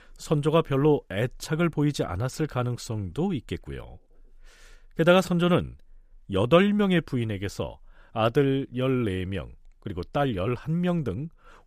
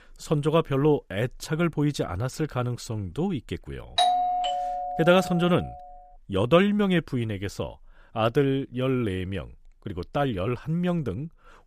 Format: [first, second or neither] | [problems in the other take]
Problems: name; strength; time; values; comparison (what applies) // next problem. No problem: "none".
first | doorbell; loud; from 4 to 5.5 s; peak 4 dB above the speech